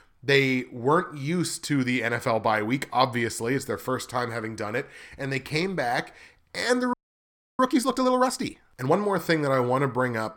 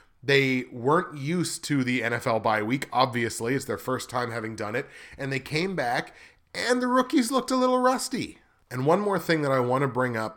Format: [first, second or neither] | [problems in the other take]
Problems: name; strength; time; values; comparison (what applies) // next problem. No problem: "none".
second | audio freezing; at 7 s for 0.5 s